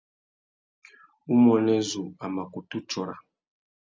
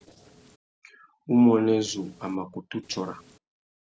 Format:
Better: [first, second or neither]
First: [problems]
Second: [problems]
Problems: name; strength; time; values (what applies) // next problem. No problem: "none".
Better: first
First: none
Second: noise reduction (neural separator model SepFormer DNS4)